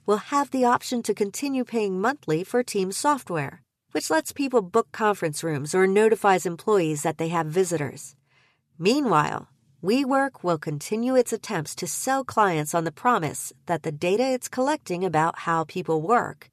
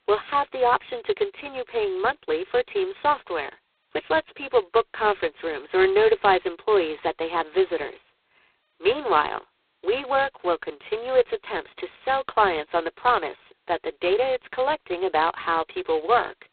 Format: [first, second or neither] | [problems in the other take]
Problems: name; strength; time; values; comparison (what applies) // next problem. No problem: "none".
first | phone-call audio; poor line; nothing above 4 kHz